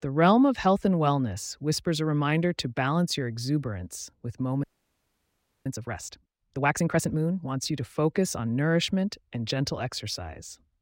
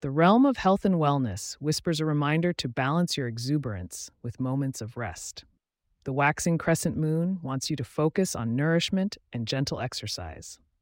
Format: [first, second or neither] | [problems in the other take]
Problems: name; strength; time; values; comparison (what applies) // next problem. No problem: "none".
second | audio freezing; at 4.5 s for 1 s